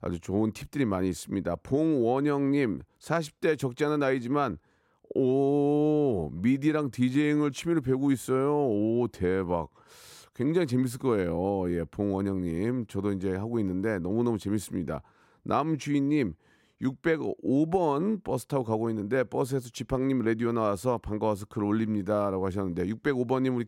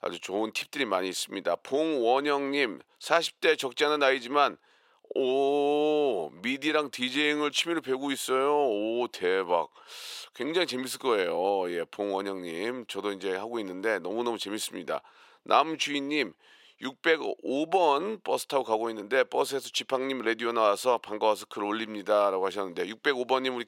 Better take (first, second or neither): first